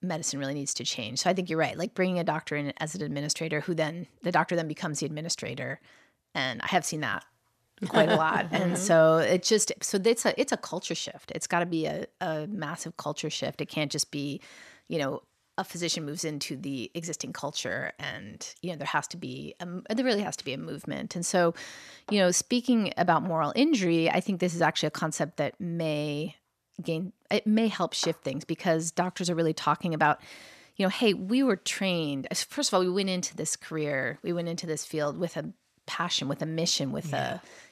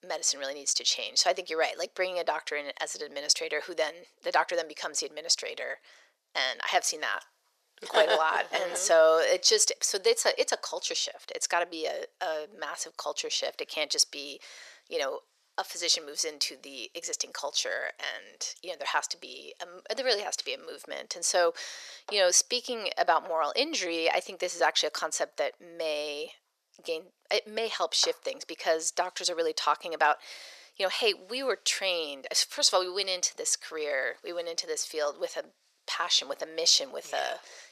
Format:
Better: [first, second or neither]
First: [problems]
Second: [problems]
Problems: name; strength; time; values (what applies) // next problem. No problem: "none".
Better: first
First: none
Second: thin; very; fading below 450 Hz